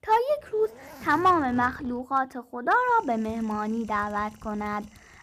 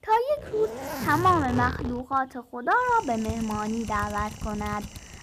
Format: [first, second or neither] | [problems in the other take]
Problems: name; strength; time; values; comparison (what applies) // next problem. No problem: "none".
first | household noises; loud; throughout; 9 dB below the speech; faint in the first